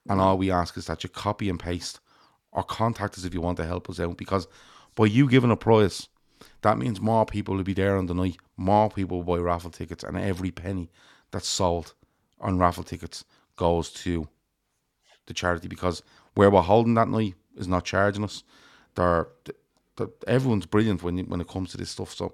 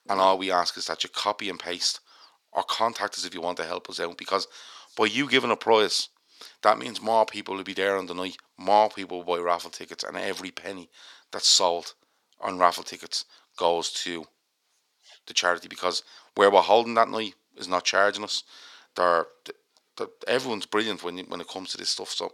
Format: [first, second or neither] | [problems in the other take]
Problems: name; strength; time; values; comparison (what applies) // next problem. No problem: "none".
first | thin; somewhat; fading below 500 Hz